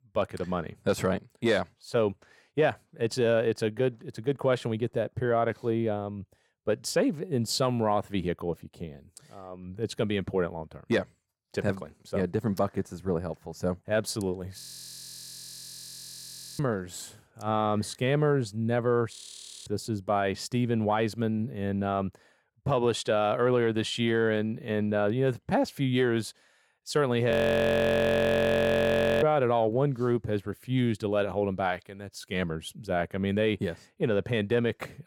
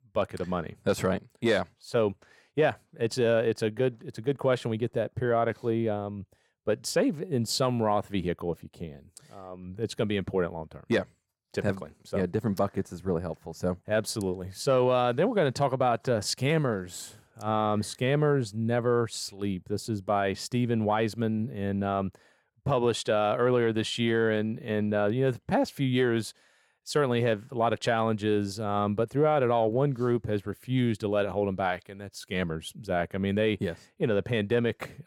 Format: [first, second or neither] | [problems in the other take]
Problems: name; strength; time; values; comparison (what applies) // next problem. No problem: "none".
second | audio freezing; at 15 s for 2 s, at 19 s for 0.5 s and at 27 s for 2 s